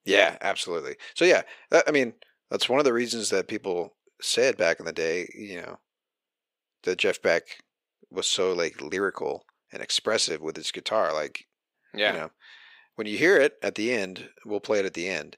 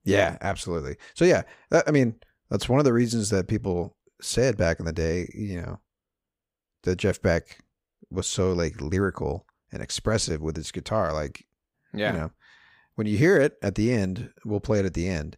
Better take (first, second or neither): second